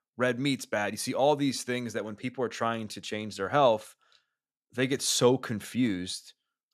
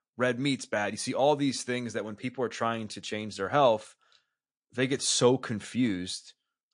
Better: first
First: none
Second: garbled, watery; slightly

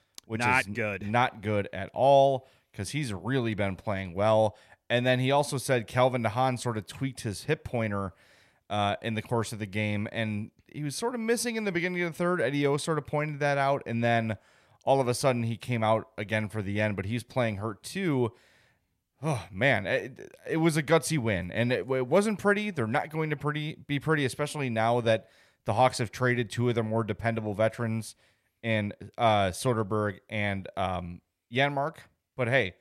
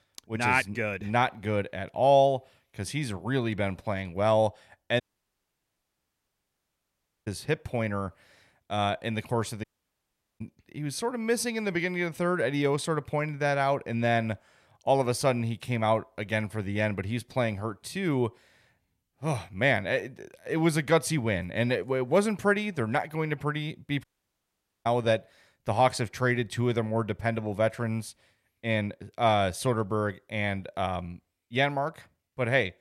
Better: first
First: none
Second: audio cutting out; at 5 s for 2.5 s, at 9.5 s for 1 s and at 24 s for 1 s

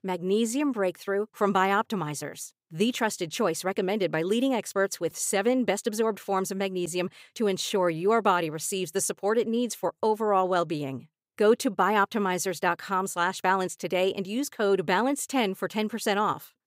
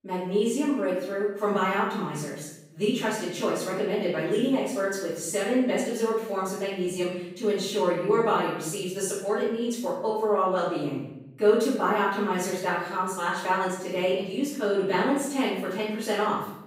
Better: first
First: none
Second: off-mic speech; far // room echo; noticeable; dies away in 0.8 s

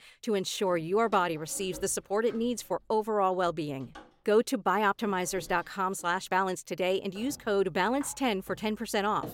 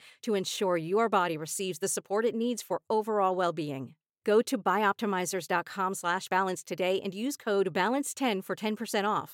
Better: second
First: household noises; faint; throughout; 25 dB below the speech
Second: none

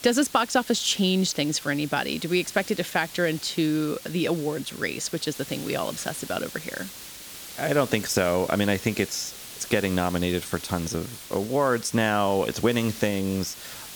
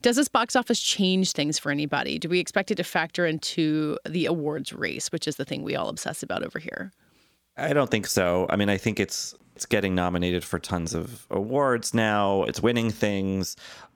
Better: second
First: hiss; noticeable; throughout; 15 dB below the speech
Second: none

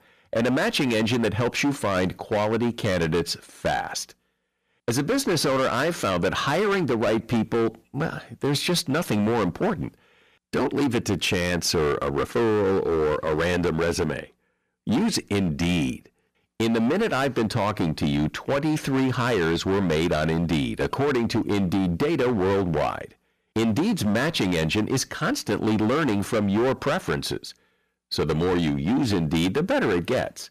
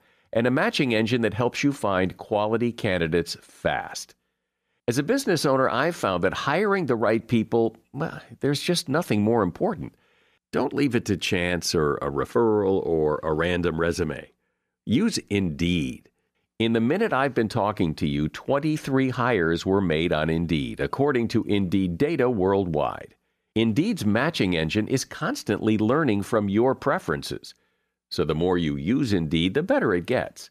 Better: second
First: distortion; heavy; 19% of the sound clipped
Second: none

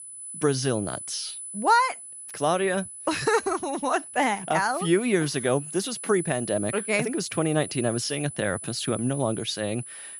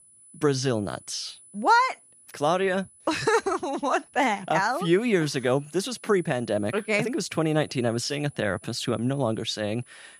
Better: second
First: high-pitched whine; loud; throughout; 10 kHz, 10 dB below the speech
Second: high-pitched whine; faint; throughout; 10 kHz, 25 dB below the speech

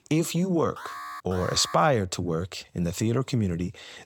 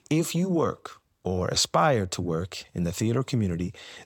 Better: second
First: alarm; faint; from 1 to 2 s; peak 10 dB below the speech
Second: none

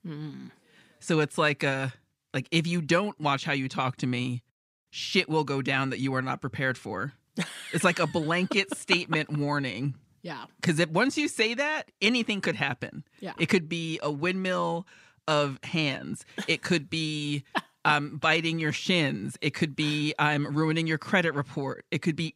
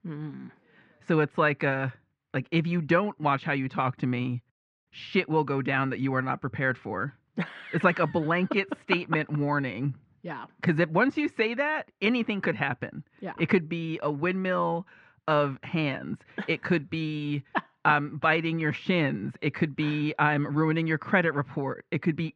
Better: first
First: none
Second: muffled; very; fading above 2 kHz

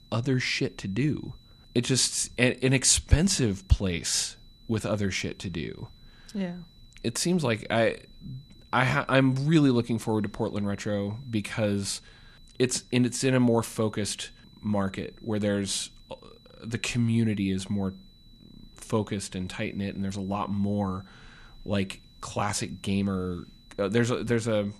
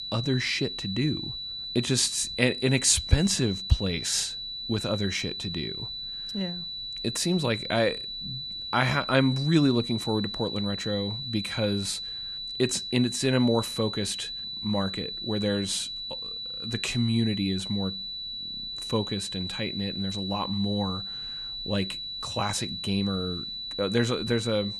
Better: first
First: high-pitched whine; faint; throughout; 4 kHz, 30 dB below the speech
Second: high-pitched whine; loud; throughout; 4 kHz, 5 dB below the speech

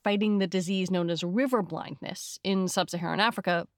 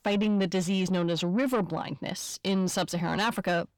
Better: first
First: none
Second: distortion; slight; 10 dB below the speech

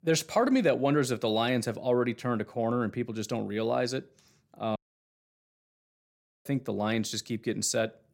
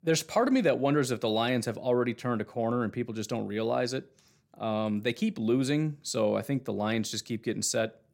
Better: second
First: audio cutting out; at 5 s for 1.5 s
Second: none

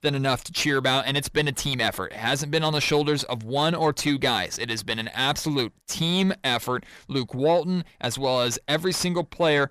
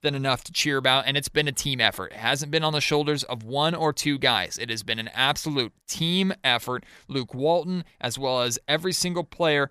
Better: second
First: distortion; slight; 10 dB below the speech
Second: none

